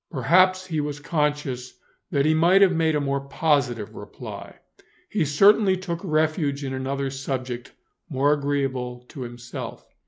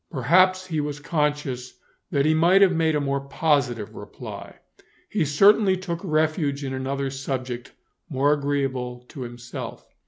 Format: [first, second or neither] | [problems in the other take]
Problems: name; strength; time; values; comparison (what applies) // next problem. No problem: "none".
second | noise reduction (neural mask model Resemble Enhance denoiser)